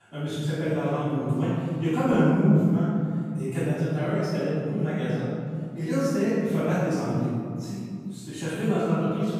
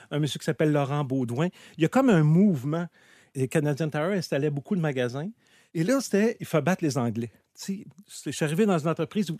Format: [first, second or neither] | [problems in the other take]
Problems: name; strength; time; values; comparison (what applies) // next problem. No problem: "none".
second | room echo; strong; dies away in 2.5 s // off-mic speech; far